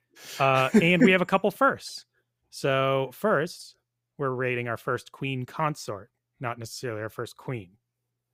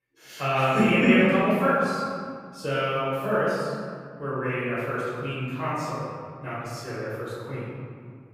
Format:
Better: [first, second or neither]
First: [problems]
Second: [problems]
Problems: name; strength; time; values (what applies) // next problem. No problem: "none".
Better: first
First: none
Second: off-mic speech; far // room echo; strong; dies away in 2 s